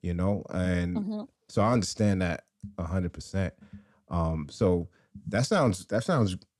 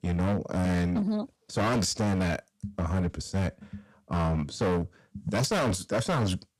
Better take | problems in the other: first | distortion; heavy; 18% of the sound clipped

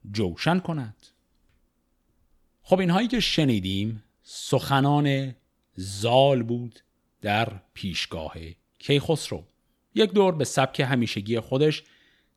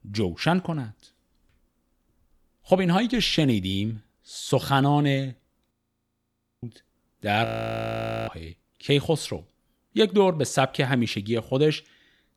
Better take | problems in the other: first | audio freezing; at 5.5 s for 1 s and at 7.5 s for 1 s

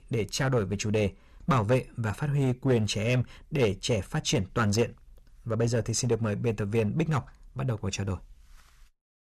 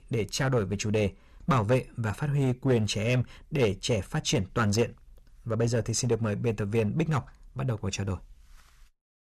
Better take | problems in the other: neither | distortion; slight; 4% of the sound clipped; the same in both

